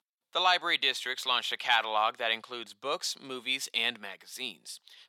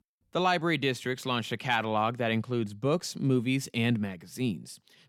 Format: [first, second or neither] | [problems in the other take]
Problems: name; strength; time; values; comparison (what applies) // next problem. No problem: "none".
second | thin; very; fading below 850 Hz